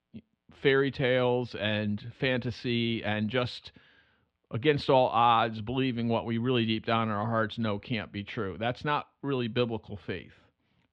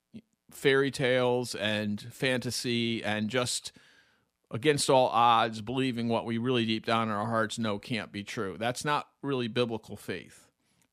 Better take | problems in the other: second | muffled; slightly; fading above 3.5 kHz

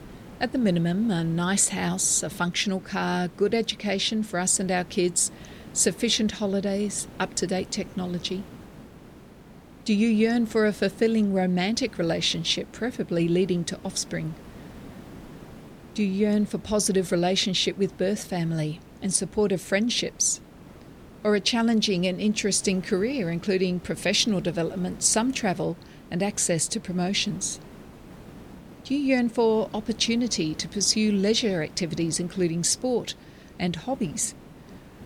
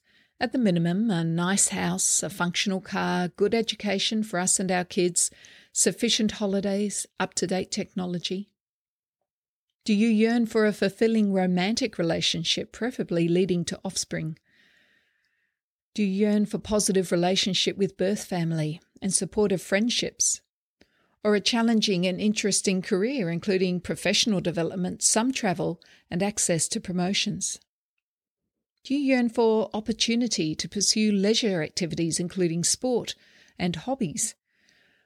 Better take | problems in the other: second | hiss; faint; throughout; 20 dB below the speech

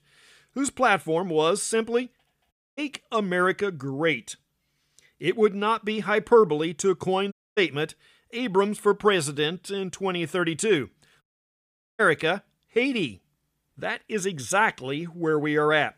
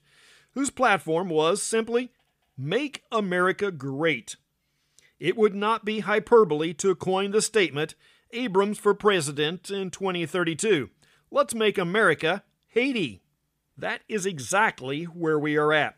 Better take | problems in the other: second | audio cutting out; at 2.5 s, at 7.5 s and at 11 s for 1 s

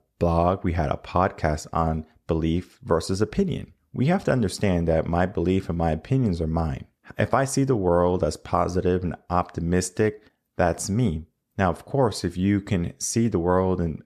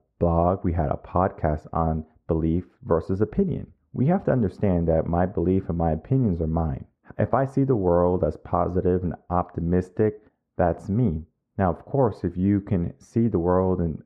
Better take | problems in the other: first | muffled; very; fading above 2.5 kHz

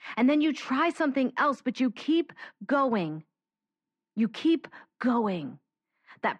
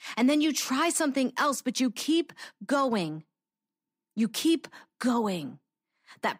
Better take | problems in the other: second | muffled; very; fading above 2 kHz

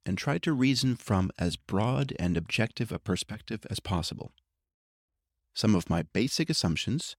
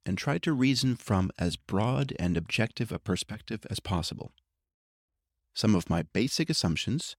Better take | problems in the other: neither | none

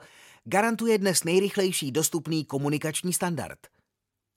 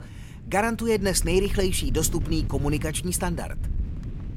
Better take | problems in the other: first | wind noise on the microphone; occasional gusts; 20 dB below the speech

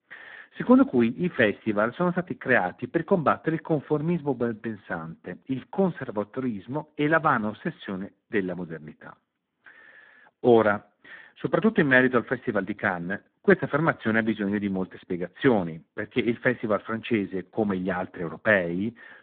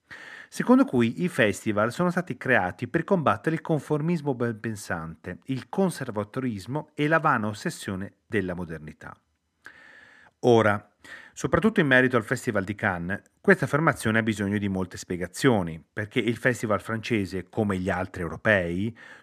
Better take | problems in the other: second | phone-call audio; poor line

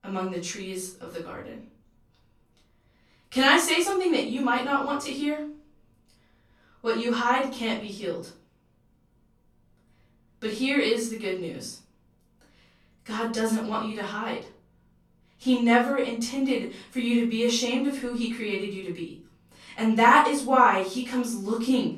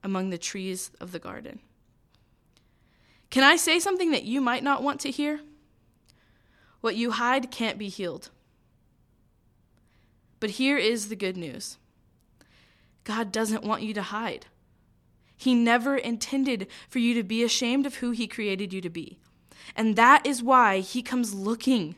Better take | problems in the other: second | room echo; slight; dies away in 0.3 s // off-mic speech; far

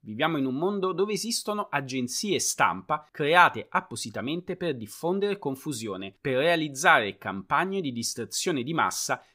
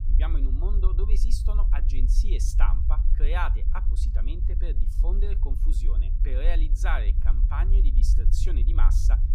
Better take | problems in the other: first | low rumble; loud; throughout; 9 dB below the speech

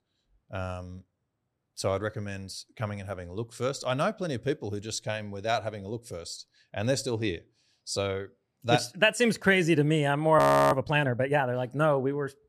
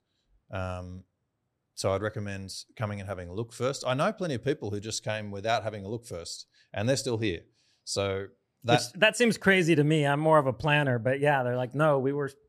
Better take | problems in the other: second | audio freezing; at 10 s

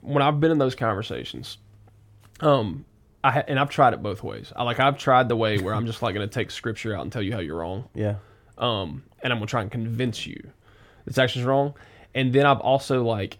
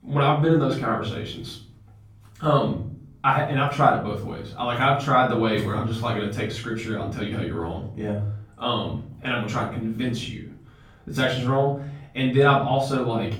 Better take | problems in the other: first | room echo; slight; dies away in 0.5 s // off-mic speech; far

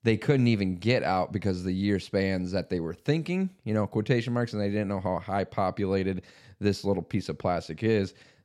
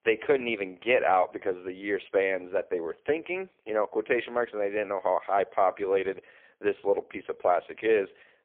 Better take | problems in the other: first | phone-call audio; poor line

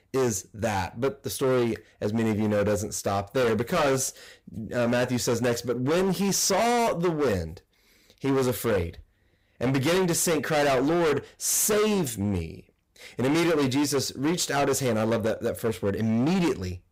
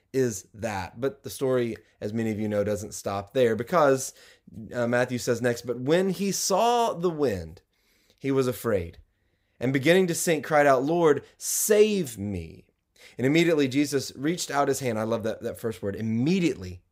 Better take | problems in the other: second | distortion; heavy; 21% of the sound clipped

